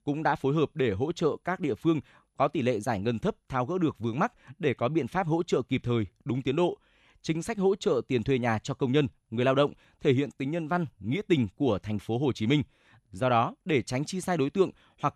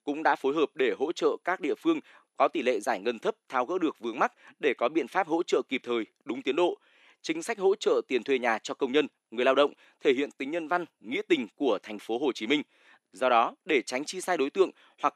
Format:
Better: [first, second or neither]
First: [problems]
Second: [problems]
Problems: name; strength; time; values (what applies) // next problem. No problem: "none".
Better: first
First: none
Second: thin; somewhat; fading below 300 Hz